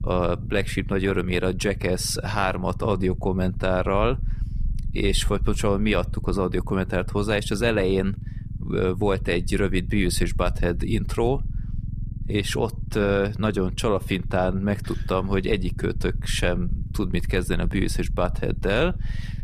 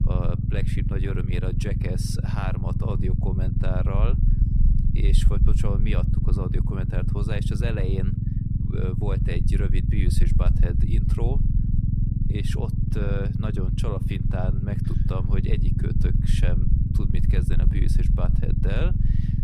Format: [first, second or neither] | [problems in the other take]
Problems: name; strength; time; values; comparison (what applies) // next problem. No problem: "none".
first | low rumble; loud; throughout; 1 dB below the speech; faint in the first